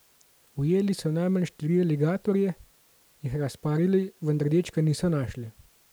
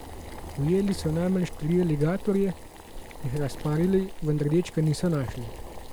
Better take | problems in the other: first | background sound (Boiling); 11 dB below the speech

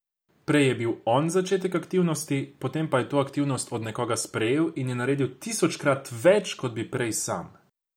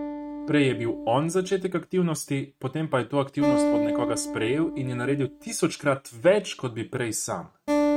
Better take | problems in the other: first | noise reduction (neural mask model RNNoise)

